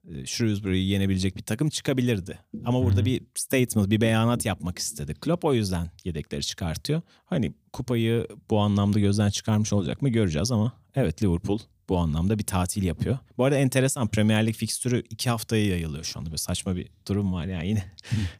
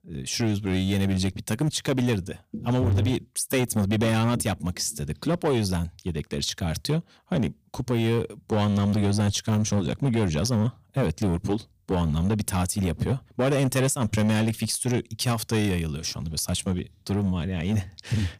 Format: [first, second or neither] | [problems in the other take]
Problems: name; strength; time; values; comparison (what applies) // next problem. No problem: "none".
first | distortion; slight; 10% of the sound clipped